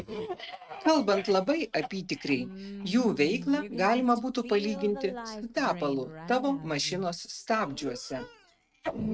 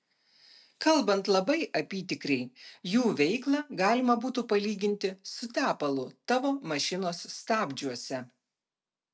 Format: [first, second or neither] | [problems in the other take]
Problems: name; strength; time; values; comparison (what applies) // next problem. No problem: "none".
second | noise reduction (neural mask model RNNoise)